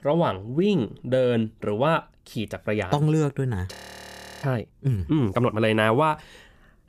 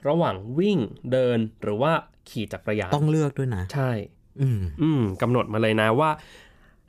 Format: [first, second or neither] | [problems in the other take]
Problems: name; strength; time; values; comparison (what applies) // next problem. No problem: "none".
second | audio freezing; at 3.5 s for 0.5 s